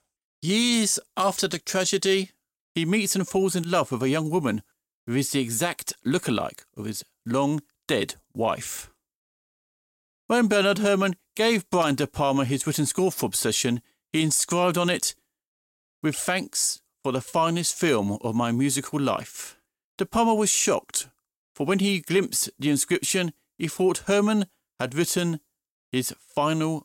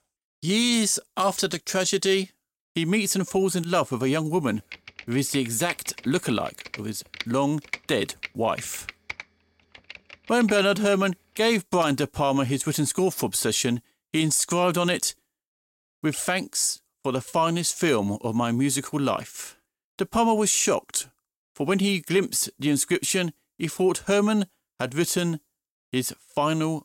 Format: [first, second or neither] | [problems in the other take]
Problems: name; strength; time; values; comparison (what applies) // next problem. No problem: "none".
first | keyboard typing; faint; from 4.5 to 11 s; peak 10 dB below the speech